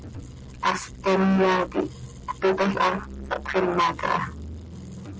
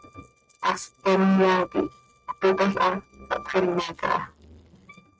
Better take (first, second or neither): first